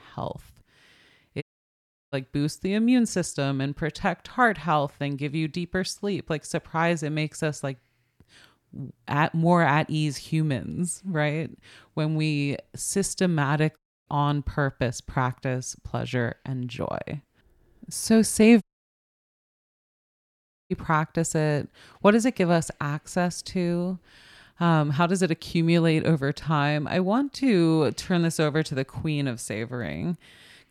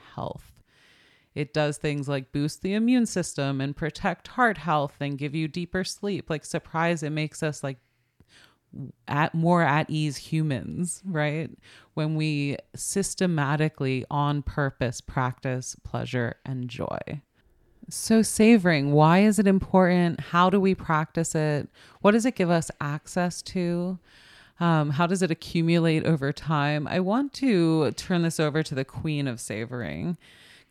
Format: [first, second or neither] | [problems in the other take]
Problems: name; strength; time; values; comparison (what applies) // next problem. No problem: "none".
second | audio cutting out; at 1.5 s for 0.5 s, at 14 s and at 19 s for 2 s